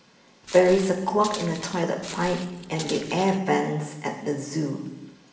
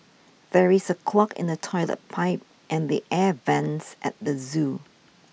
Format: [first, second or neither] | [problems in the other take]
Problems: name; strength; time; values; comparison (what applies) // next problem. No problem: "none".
second | background sound (Walk, footsteps); 14 dB below the speech // room echo; dies away in 1 s